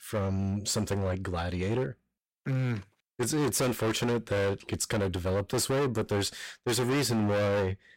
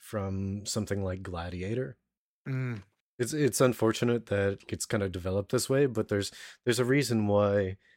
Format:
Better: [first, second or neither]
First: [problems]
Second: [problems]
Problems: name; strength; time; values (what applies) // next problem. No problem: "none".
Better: second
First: distortion; heavy; 21% of the sound clipped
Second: none